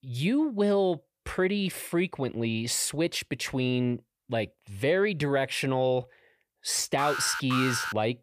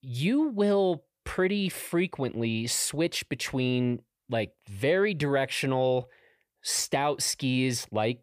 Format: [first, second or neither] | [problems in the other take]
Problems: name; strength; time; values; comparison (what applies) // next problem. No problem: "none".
second | alarm; noticeable; at 7 s; peak 2 dB below the speech